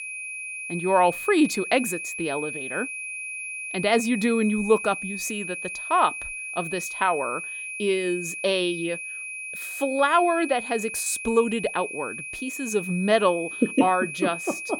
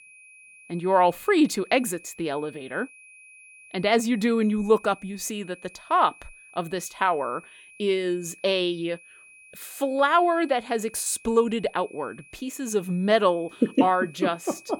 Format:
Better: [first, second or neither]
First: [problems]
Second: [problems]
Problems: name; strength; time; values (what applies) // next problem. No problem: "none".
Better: second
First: high-pitched whine; loud; throughout; 2.5 kHz, 7 dB below the speech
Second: high-pitched whine; faint; throughout; 2.5 kHz, 25 dB below the speech